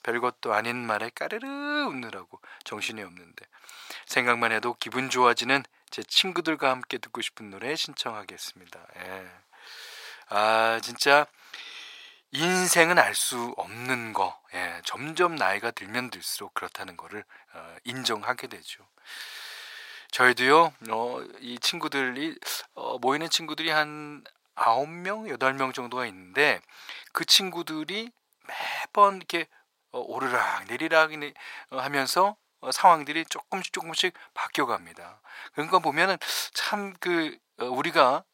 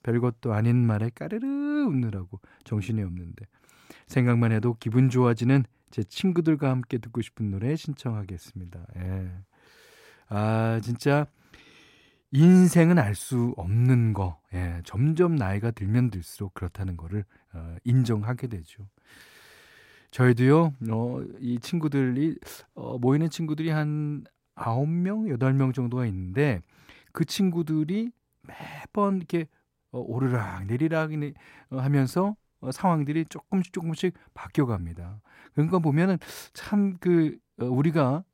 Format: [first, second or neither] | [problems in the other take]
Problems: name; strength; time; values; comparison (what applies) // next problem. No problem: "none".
second | thin; very; fading below 850 Hz